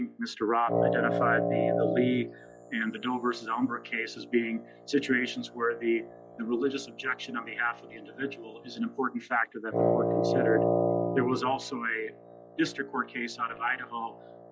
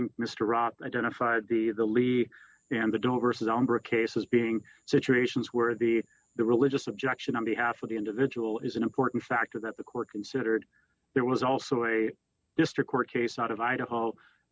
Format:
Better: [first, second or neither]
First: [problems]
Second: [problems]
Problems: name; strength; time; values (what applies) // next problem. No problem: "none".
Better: second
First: noise reduction (classical method log-MMSE)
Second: none